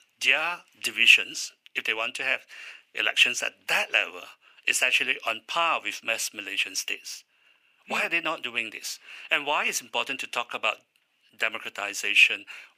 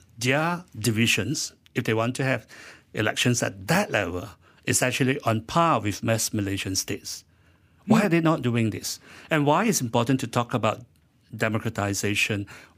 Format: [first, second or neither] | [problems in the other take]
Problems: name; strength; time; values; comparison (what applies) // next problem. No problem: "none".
second | thin; very; fading below 650 Hz